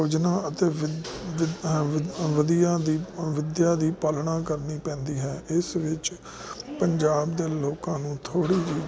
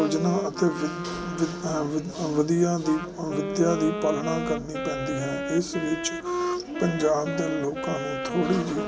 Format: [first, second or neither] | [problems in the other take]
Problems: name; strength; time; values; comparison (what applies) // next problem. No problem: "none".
first | background sound (Wind instrument, woodwind instrument); 5 dB below the speech // room echo; dies away in 0.5 s